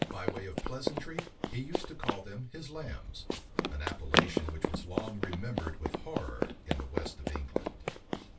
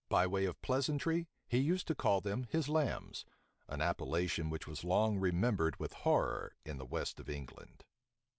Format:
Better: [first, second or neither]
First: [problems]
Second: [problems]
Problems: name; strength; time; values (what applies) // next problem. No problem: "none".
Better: second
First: background sound (Run); 4 dB above the speech // room echo; dies away in 0.2 s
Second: none